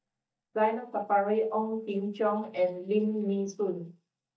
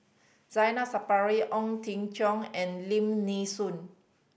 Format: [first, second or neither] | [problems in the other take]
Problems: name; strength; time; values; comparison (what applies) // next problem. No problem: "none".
second | noise reduction (neural mask model DeepFilterNet 3)